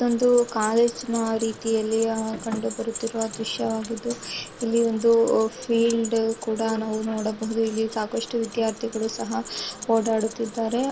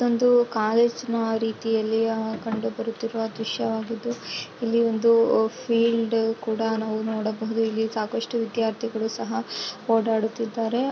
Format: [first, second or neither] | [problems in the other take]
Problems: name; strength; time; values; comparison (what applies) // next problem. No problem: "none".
second | background sound (Keys jangling); 16 dB below the speech